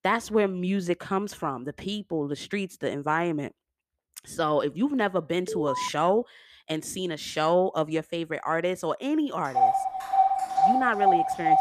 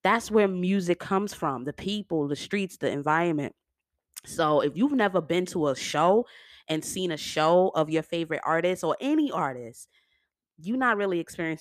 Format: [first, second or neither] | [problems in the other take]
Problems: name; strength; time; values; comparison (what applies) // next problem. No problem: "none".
second | alarm; noticeable; at 5.5 s; peak 3 dB below the speech // phone ringing; loud; from 9.5 s on; peak 5 dB above the speech